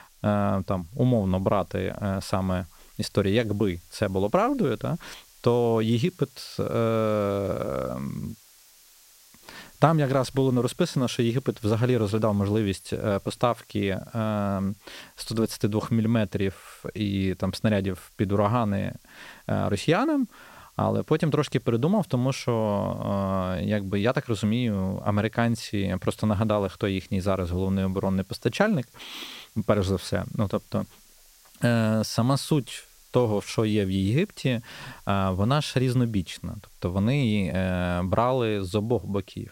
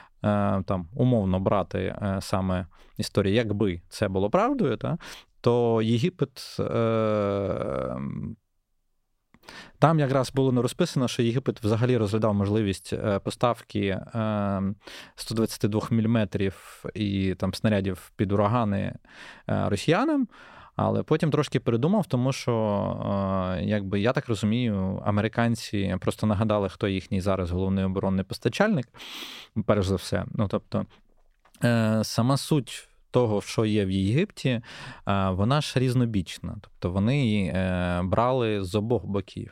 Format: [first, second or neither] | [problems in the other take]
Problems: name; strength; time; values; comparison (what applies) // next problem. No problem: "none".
second | hiss; faint; throughout; 30 dB below the speech